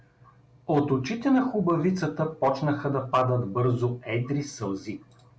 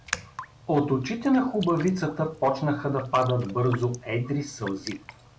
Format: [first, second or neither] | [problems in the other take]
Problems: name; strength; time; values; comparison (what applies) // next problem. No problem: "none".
first | background sound (Raindrop); 16 dB below the speech